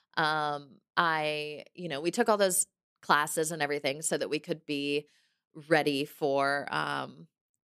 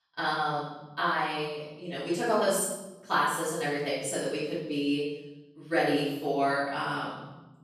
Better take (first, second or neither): first